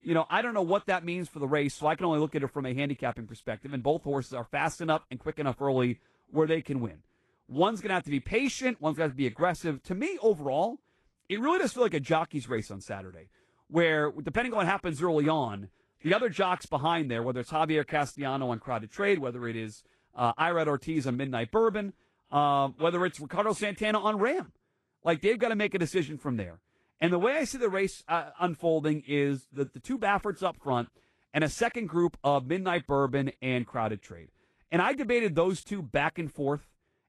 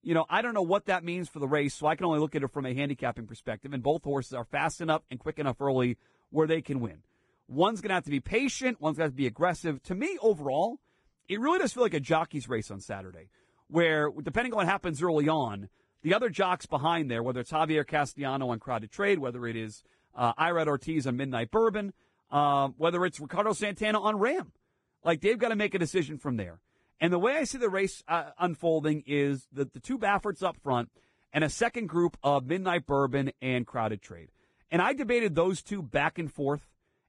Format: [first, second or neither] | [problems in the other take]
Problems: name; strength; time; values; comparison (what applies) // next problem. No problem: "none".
first | garbled, watery; badly; nothing above 10 kHz; slightly in the first